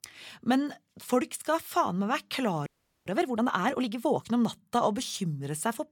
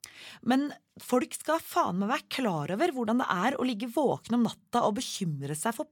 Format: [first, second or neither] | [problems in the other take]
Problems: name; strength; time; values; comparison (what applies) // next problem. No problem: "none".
second | audio freezing; at 2.5 s